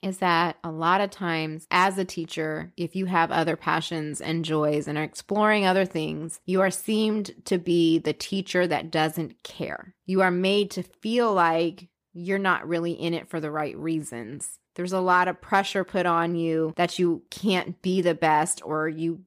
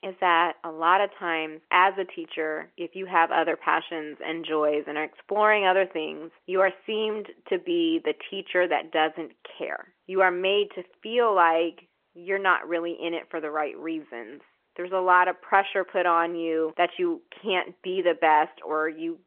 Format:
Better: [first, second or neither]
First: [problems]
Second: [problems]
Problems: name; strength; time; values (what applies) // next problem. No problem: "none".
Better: first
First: none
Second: phone-call audio; nothing above 3 kHz